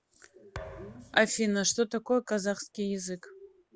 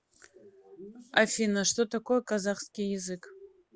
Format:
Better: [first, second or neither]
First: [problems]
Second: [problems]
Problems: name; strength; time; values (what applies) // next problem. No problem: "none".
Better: second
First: background sound (Thump, thud); 16 dB below the speech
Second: none